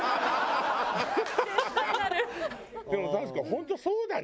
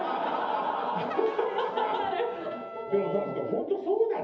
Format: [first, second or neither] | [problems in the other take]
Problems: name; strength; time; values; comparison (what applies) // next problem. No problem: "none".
first | background sound (Trumpet); 15 dB below the speech // room echo; dies away in 0.8 s